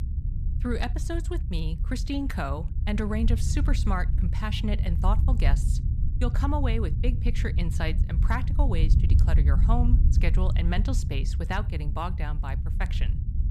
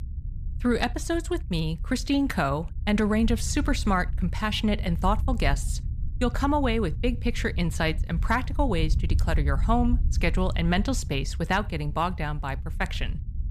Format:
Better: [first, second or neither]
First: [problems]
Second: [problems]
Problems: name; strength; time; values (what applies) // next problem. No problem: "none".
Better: second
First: low rumble; loud; throughout; 9 dB below the speech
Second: low rumble; faint; throughout; 20 dB below the speech